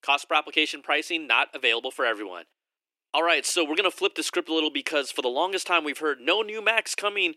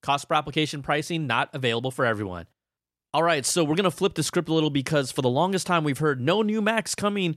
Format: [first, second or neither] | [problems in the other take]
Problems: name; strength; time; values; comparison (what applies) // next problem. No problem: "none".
second | thin; very; fading below 300 Hz